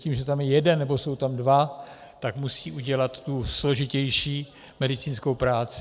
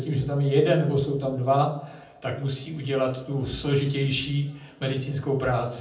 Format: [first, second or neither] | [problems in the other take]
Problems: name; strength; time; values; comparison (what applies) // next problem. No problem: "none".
first | room echo; dies away in 0.6 s